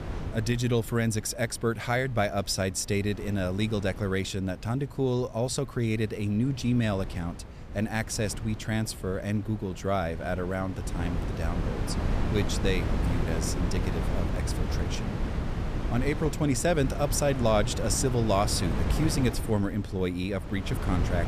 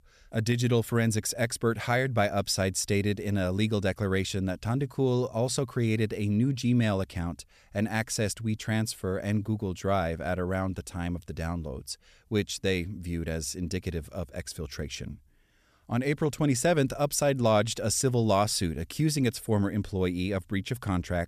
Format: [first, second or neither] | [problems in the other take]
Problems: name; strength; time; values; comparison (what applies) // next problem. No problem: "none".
second | wind noise on the microphone; heavy; 8 dB below the speech